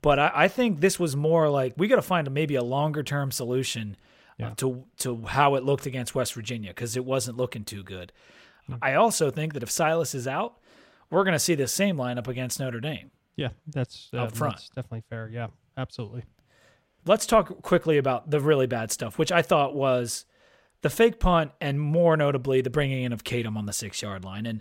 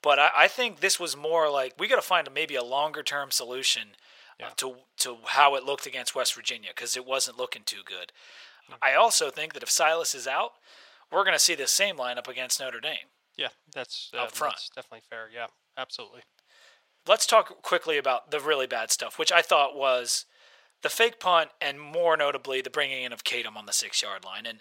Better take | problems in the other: first | thin; very; fading below 750 Hz

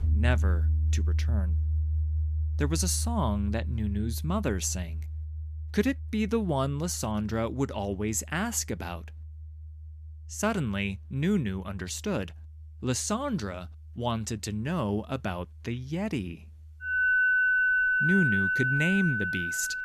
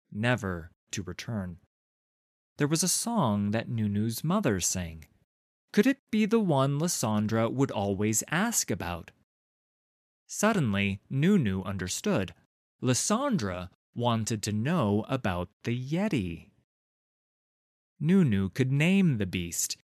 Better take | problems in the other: second | background music; very loud; throughout; 3 dB above the speech

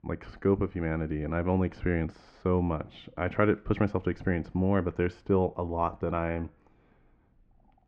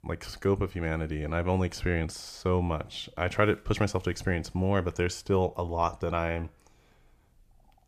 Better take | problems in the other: second | muffled; very; fading above 2 kHz

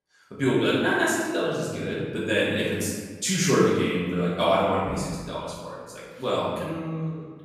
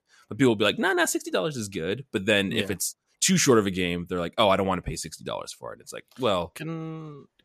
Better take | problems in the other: second | room echo; strong; dies away in 1.4 s // off-mic speech; far

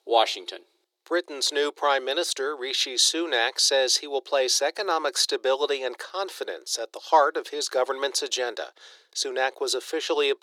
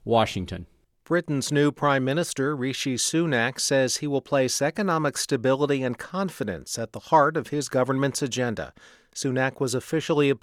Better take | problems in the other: second | thin; very; fading below 350 Hz

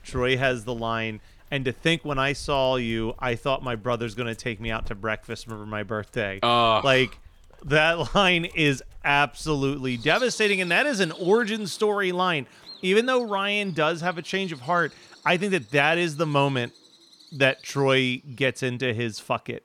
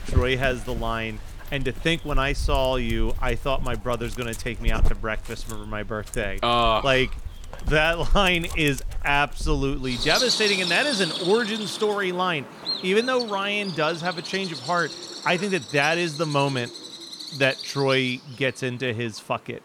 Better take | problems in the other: first | animal sounds; loud; throughout; 7 dB below the speech; faint in the first

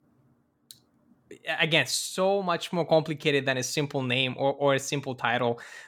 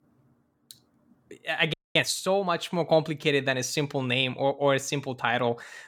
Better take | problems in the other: first | audio freezing; at 1.5 s

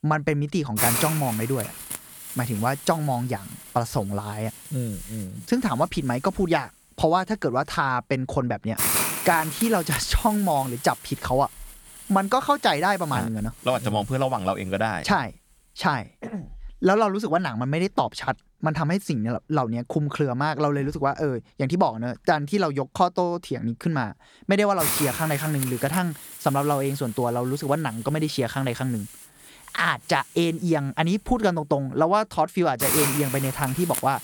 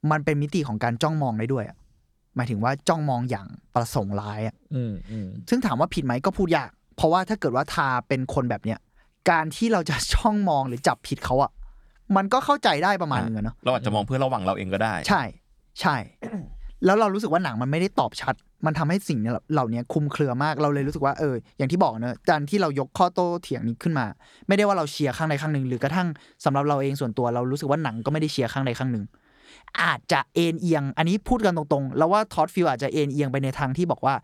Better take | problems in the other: second | hiss; loud; until 17 s and from 24 s on; 4 dB below the speech

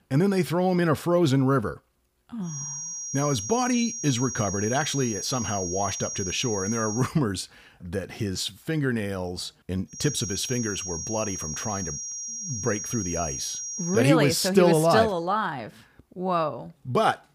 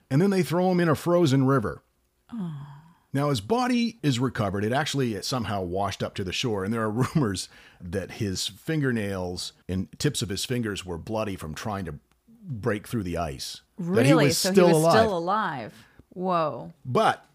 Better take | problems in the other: second | high-pitched whine; loud; from 2.5 to 7 s and from 10 to 14 s; 5.5 kHz, 6 dB below the speech

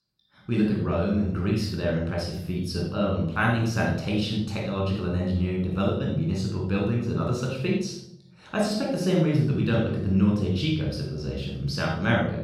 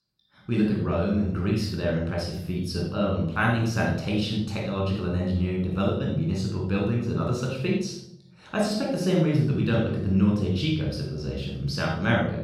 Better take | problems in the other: neither | off-mic speech; far; the same in both // room echo; noticeable; dies away in 0.8 s; the same in both

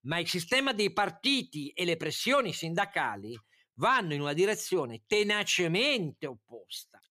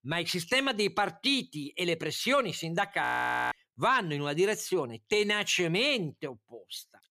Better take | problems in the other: first | audio freezing; at 3 s

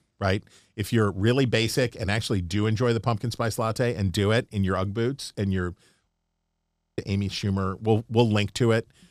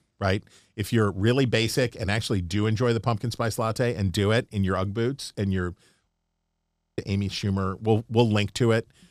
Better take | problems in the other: neither | audio freezing; at 6 s for 1 s; the same in both

